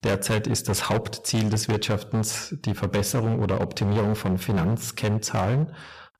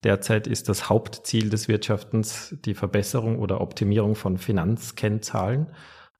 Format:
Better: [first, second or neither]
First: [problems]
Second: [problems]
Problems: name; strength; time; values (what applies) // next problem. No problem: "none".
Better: second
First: distortion; heavy; 18% of the sound clipped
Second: none